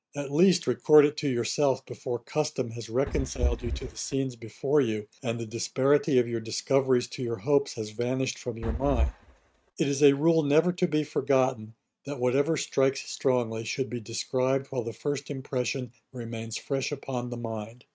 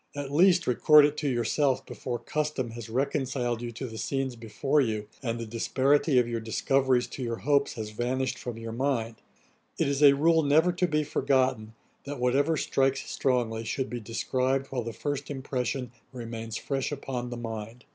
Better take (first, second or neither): second